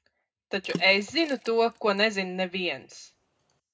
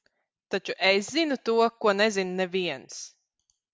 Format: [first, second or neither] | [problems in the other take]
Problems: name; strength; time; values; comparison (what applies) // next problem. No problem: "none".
second | background sound (Water / Splash, splatter); 16 dB below the speech // room echo; dies away in 0.2 s